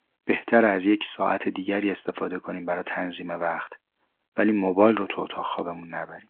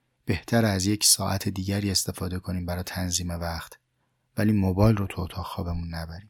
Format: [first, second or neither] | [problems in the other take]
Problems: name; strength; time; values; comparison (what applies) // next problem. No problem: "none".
second | phone-call audio